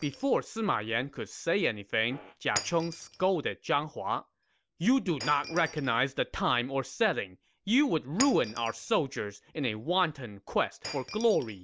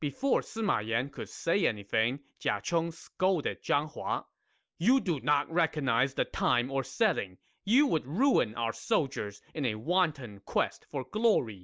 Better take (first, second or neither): second